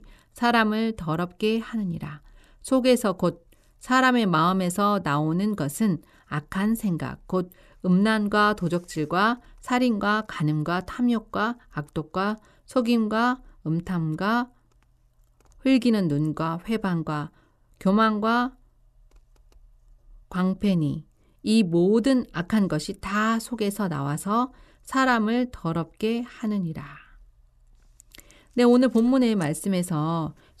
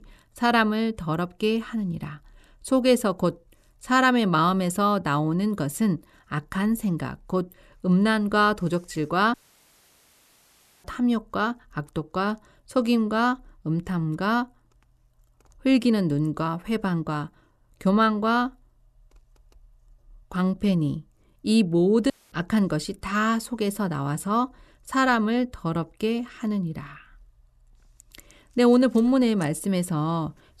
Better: first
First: none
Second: audio cutting out; at 9.5 s for 1.5 s and at 22 s

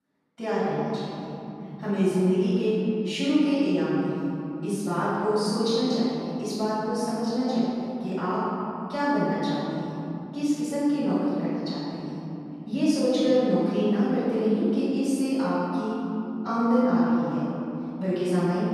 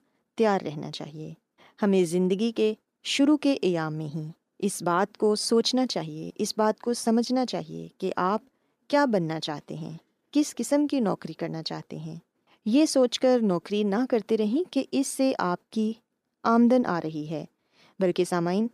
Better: second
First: off-mic speech; far // room echo; strong; dies away in 3 s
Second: none

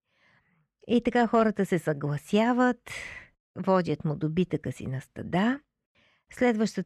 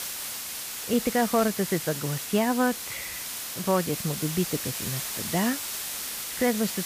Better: first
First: none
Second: hiss; loud; throughout; 4 dB below the speech

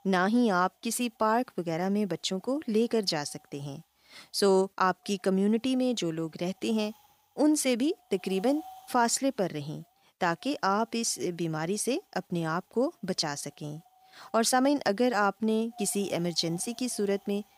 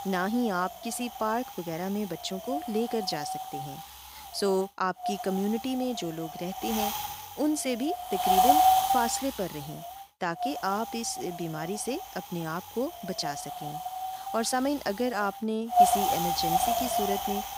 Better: first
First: wind noise on the microphone; occasional gusts; 25 dB below the speech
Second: wind noise on the microphone; heavy; 5 dB above the speech

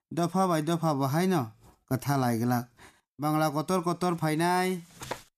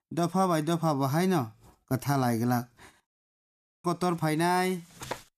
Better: first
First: none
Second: audio cutting out; at 3 s for 1 s

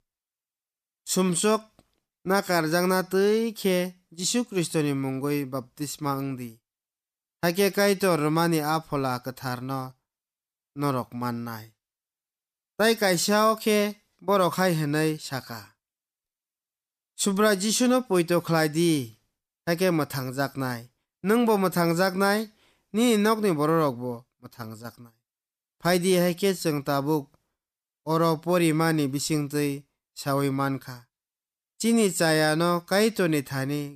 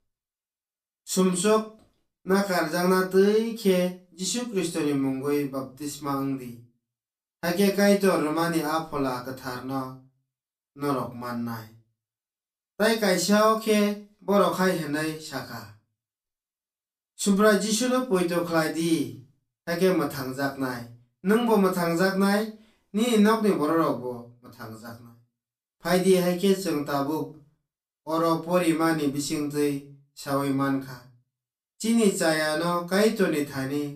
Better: first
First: none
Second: off-mic speech; far // room echo; very slight; dies away in 0.2 s

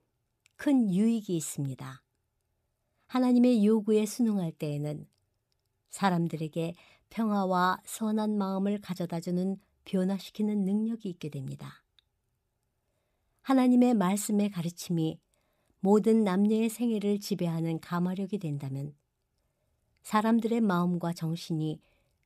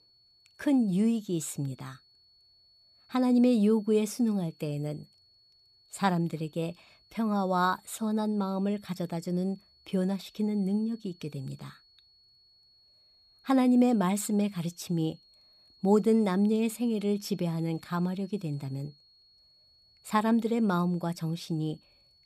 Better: first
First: none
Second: high-pitched whine; faint; throughout; 4.5 kHz, 30 dB below the speech

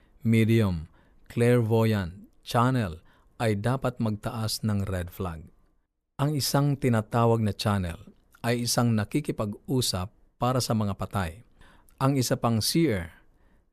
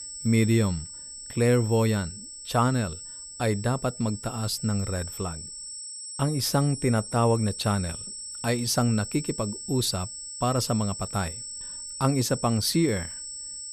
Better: first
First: none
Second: high-pitched whine; loud; throughout; 8 kHz, 9 dB below the speech

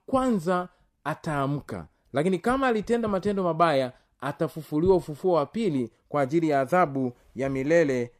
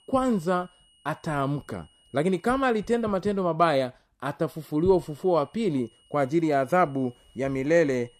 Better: first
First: none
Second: high-pitched whine; faint; until 3 s and from 4.5 s on; 3 kHz, 35 dB below the speech

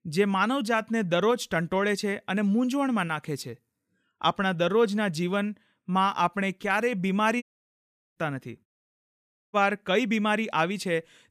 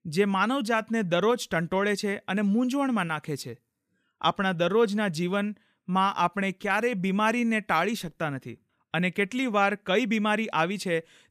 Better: second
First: audio cutting out; at 7.5 s for 0.5 s and at 8.5 s for 1 s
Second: none

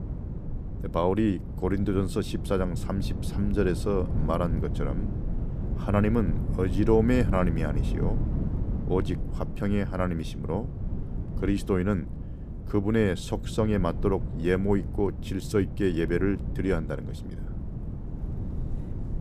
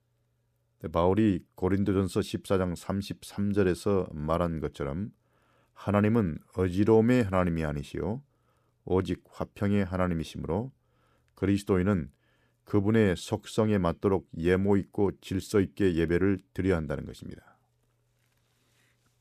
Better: second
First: low rumble; noticeable; throughout; 15 dB below the speech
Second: none

